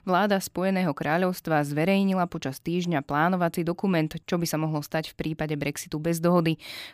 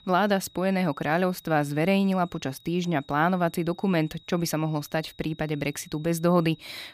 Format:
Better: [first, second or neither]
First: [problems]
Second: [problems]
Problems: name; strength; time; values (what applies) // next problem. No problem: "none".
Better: first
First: none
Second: high-pitched whine; faint; throughout; 4 kHz, 25 dB below the speech